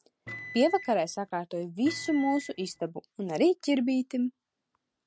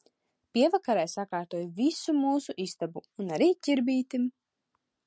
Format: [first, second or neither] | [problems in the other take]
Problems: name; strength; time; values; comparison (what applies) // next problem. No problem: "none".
second | background sound (Microwave oven); 14 dB below the speech